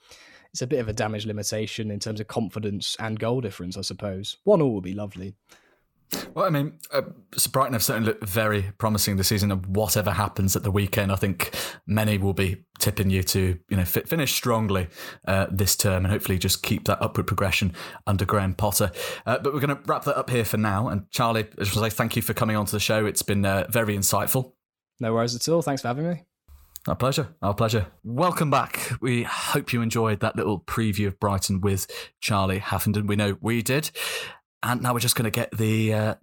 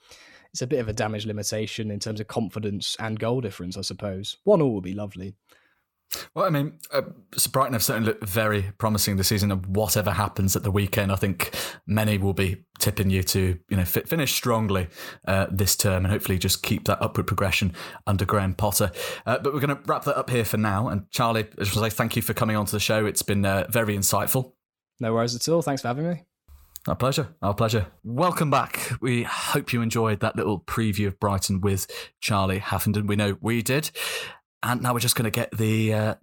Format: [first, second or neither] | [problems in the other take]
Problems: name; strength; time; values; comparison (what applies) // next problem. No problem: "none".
second | door banging; faint; at 5.5 s; peak 15 dB below the speech